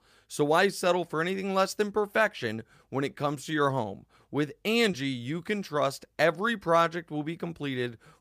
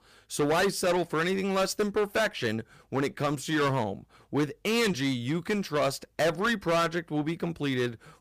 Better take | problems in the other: first | distortion; heavy; 12% of the sound clipped

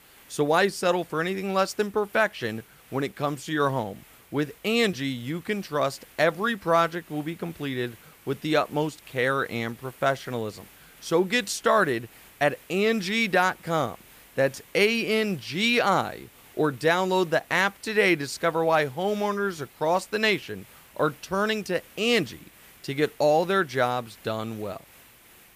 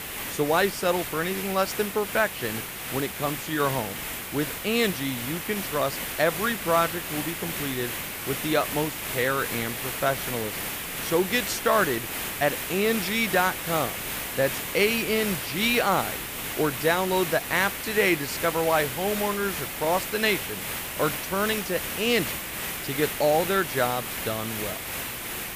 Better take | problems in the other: first | hiss; loud; throughout; 4 dB below the speech; faint in the first

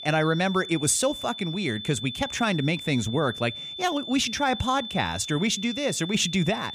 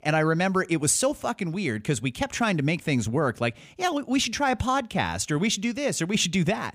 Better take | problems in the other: second | high-pitched whine; loud; throughout; 3.5 kHz, 9 dB below the speech

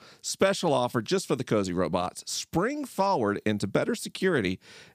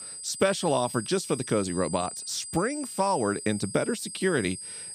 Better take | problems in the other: first | high-pitched whine; loud; throughout; 8 kHz, 9 dB below the speech

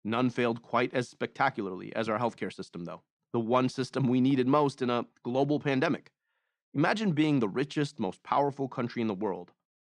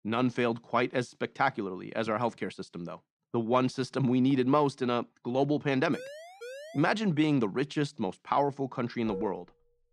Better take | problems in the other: first | siren; faint; at 6 s; peak 15 dB below the speech // clattering dishes; faint; at 9 s; peak 10 dB below the speech

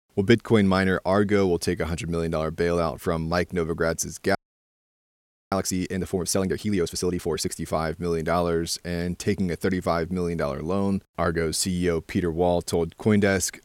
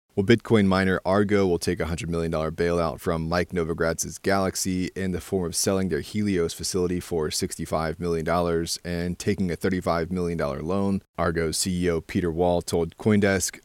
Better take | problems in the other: second | audio freezing; at 4.5 s for 1 s

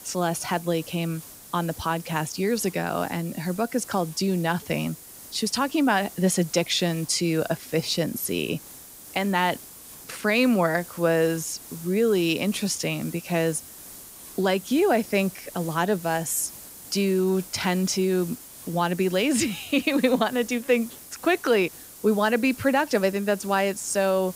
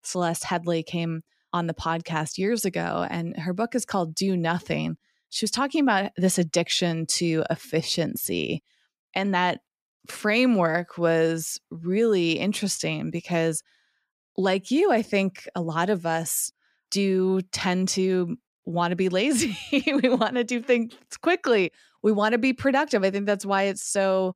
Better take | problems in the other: second | hiss; noticeable; throughout; 15 dB below the speech

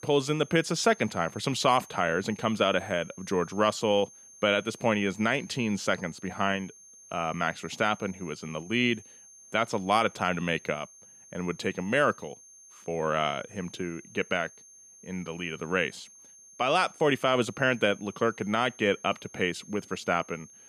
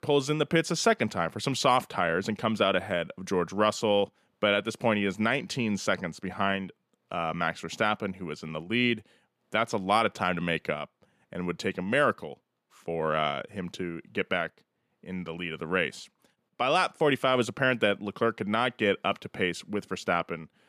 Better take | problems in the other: second | high-pitched whine; faint; throughout; 6.5 kHz, 20 dB below the speech

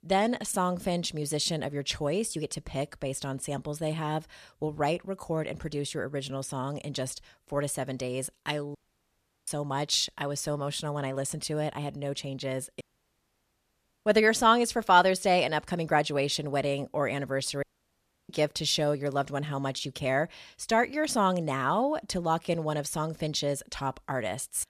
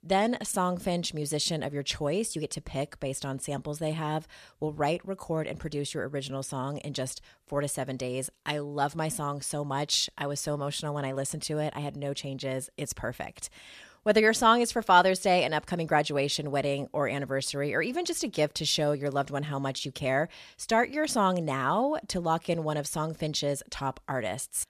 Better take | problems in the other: second | audio cutting out; at 9 s for 0.5 s, at 13 s for 1 s and at 18 s for 0.5 s

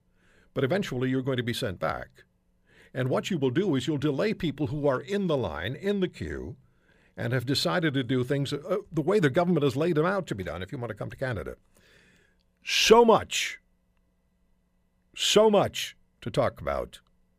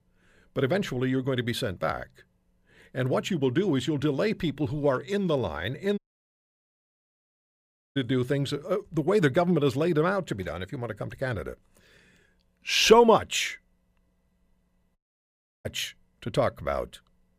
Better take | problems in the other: first | audio cutting out; at 6 s for 2 s and at 15 s for 0.5 s

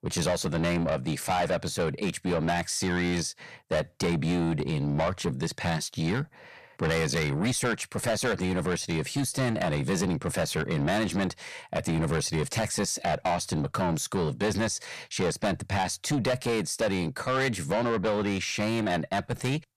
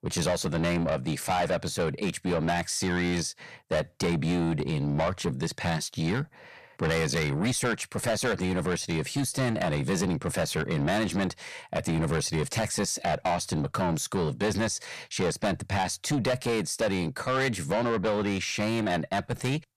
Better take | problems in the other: neither | distortion; heavy; 6 dB below the speech; the same in both

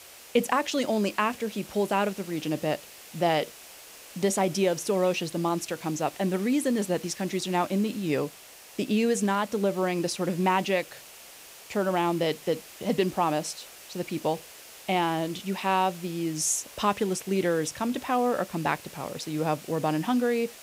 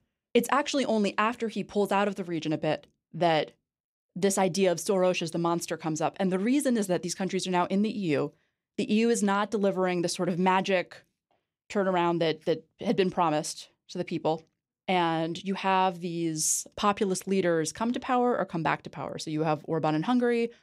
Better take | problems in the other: second | hiss; noticeable; throughout; 15 dB below the speech

